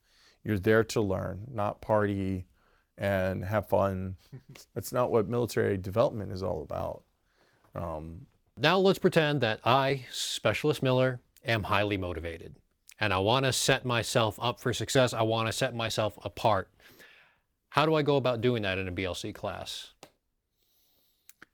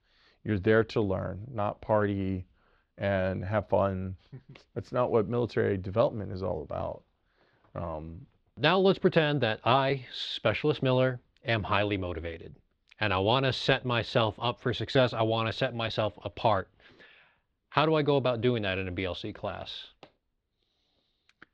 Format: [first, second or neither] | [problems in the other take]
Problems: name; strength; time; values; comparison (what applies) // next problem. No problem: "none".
first | muffled; very slightly; fading above 4 kHz